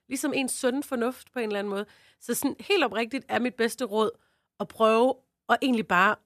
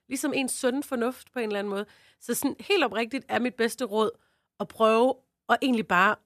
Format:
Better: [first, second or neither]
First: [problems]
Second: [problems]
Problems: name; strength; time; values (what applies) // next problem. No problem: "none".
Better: neither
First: none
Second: none